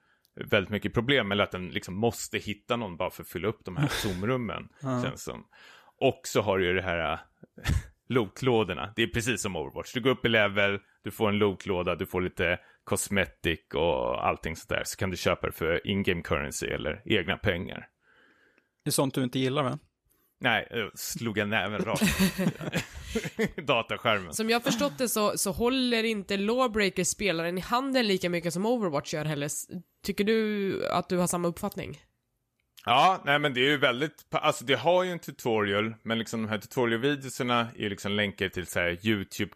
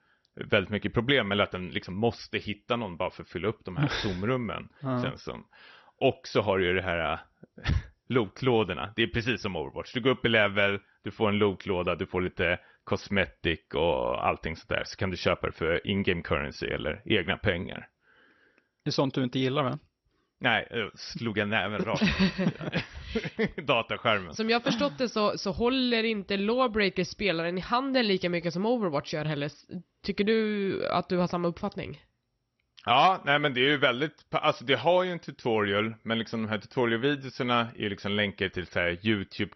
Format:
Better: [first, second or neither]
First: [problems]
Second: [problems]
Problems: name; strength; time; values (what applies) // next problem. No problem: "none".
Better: first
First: none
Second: garbled, watery; slightly; nothing above 6 kHz